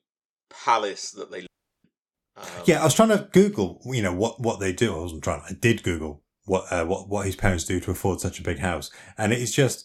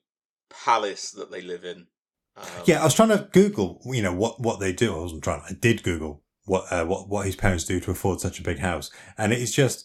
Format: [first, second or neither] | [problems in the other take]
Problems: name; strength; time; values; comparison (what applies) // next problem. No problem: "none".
second | audio cutting out; at 1.5 s